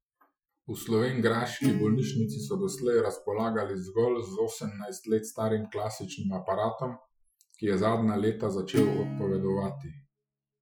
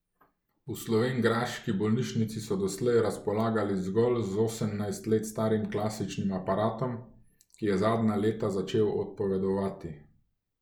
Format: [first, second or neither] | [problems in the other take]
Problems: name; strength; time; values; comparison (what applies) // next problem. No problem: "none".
second | noise reduction (classical method Wiener filter)